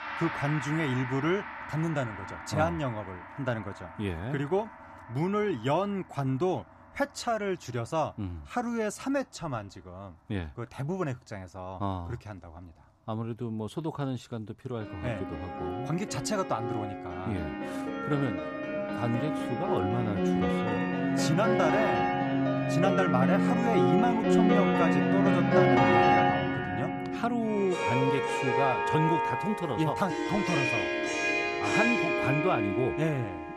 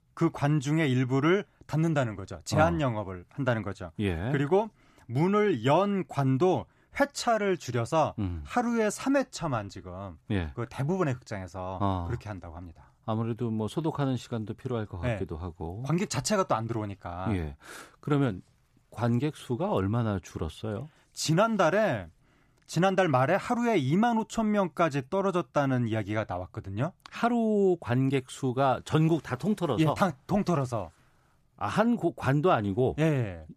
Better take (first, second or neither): second